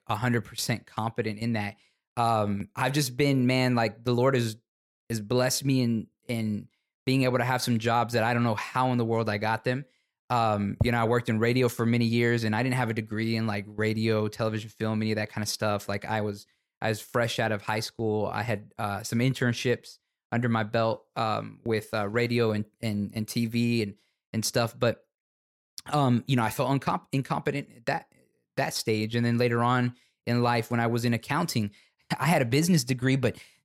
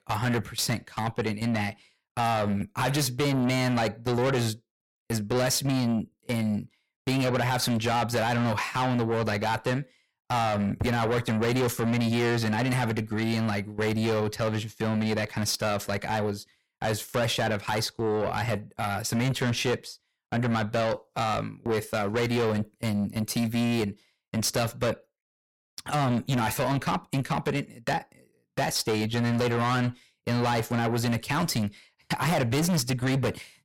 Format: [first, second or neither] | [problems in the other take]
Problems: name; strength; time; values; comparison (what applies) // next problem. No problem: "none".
first | distortion; heavy; 6 dB below the speech